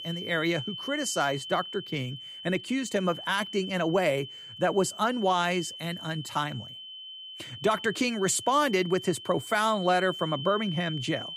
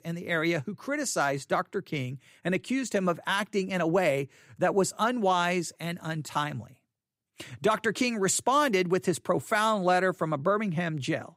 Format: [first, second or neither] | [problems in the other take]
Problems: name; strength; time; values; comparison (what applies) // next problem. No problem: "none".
second | high-pitched whine; noticeable; throughout; 3 kHz, 10 dB below the speech